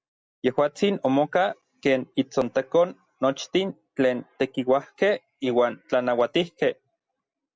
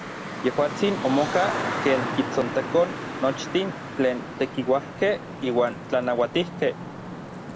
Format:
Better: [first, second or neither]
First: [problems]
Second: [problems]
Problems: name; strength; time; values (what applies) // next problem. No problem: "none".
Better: first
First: none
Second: background sound (Traffic noise, roadway noise); 7 dB below the speech